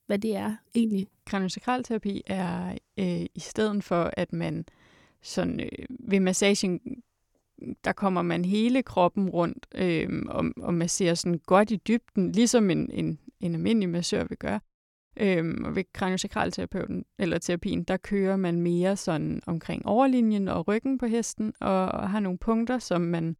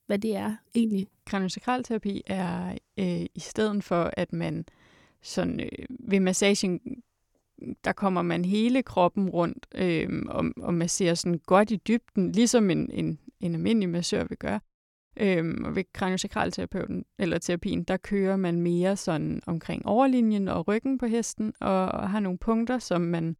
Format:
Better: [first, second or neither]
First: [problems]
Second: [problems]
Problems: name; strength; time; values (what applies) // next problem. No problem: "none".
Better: neither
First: none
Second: none